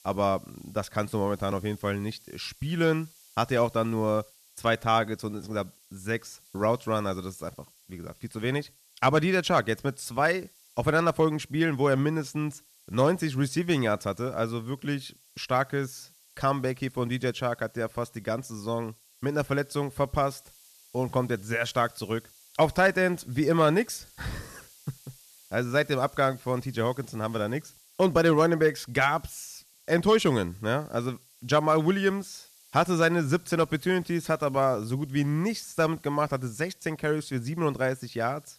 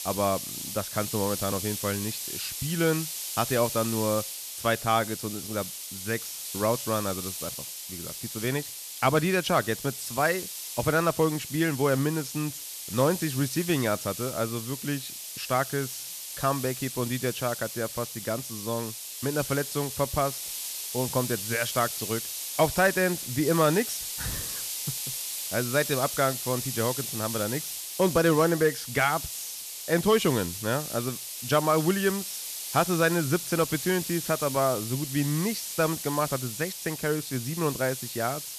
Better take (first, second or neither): first